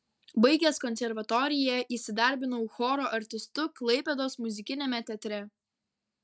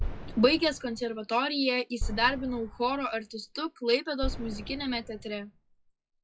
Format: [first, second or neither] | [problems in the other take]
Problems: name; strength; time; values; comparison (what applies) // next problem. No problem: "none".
first | noise reduction (classical method WPE with log-MMSE)